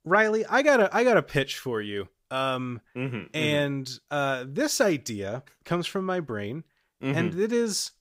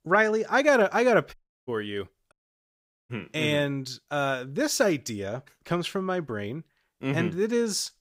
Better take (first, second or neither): first